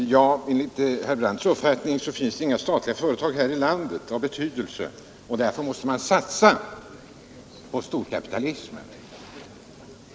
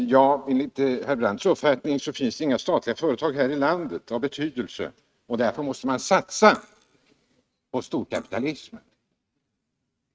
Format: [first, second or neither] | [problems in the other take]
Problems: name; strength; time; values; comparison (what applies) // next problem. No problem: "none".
first | noise reduction (neural mask model RNNoise)